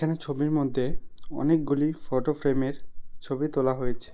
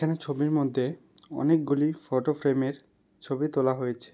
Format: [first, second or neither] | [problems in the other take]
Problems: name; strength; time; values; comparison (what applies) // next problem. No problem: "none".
second | noise reduction (neural mask model DeepFilterNet 3)